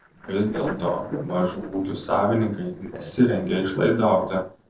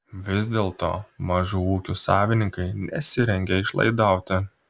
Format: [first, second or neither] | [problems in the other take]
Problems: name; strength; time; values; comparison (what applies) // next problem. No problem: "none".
second | noise reduction (neural separator model SepFormer DNS4)